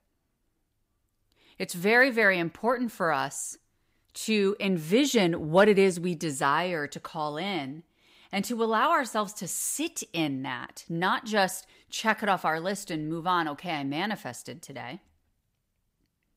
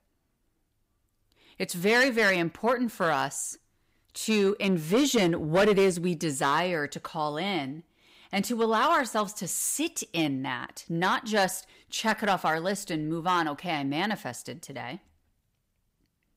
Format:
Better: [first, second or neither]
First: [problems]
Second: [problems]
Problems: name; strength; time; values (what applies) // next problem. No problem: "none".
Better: first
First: none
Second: distortion; slight; 3% of the sound clipped